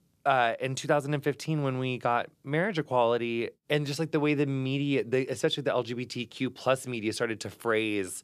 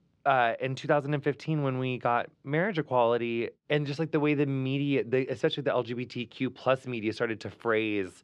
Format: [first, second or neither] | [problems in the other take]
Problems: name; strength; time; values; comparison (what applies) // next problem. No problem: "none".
first | muffled; slightly; fading above 3.5 kHz